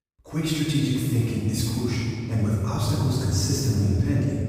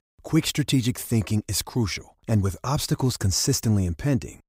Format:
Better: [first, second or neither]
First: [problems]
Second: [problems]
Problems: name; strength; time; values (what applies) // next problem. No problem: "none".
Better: second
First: off-mic speech; far // room echo; strong; dies away in 3 s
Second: none